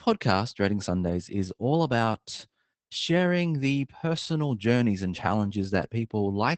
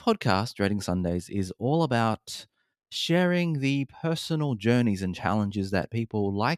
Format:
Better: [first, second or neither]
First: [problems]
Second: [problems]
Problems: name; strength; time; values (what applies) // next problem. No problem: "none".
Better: second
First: garbled, watery; badly; nothing above 8 kHz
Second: none